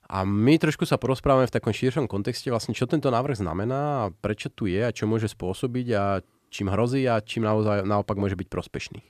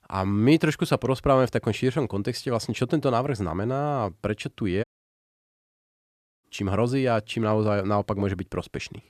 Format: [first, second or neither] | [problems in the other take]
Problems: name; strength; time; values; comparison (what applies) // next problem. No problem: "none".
first | audio cutting out; at 5 s for 1.5 s